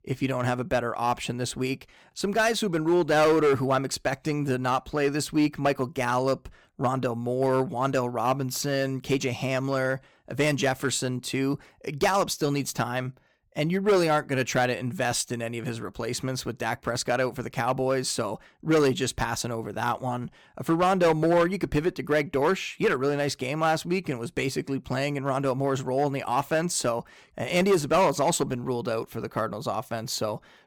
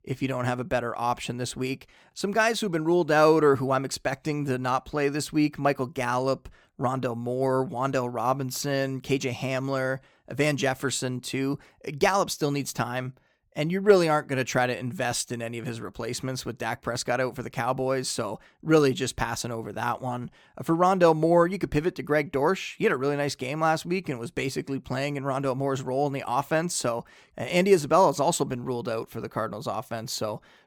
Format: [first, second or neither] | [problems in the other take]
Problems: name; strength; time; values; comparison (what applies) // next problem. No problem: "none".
second | distortion; slight; 4% of the sound clipped